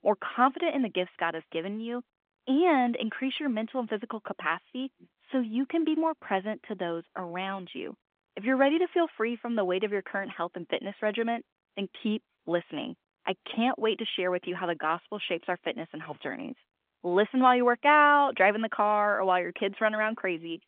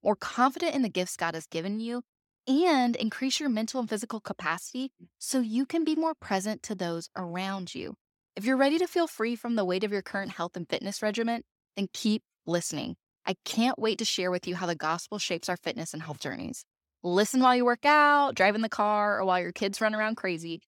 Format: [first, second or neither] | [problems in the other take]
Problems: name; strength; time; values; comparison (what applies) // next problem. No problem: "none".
second | phone-call audio; nothing above 3.5 kHz